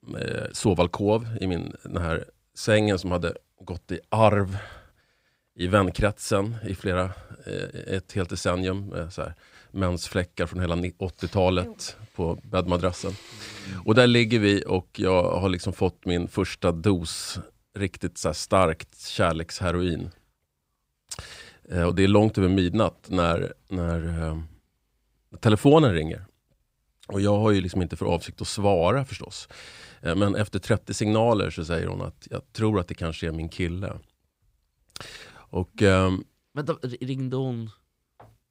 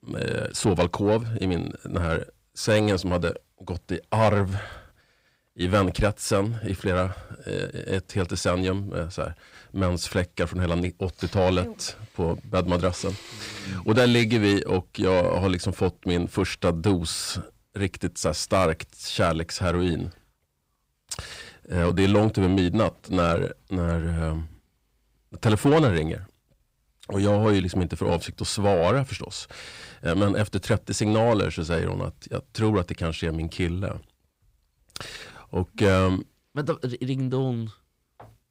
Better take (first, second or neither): first